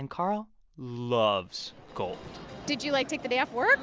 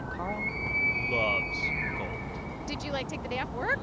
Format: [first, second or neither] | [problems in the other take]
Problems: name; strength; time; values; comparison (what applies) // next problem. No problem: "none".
first | background sound (Animal); 4 dB above the speech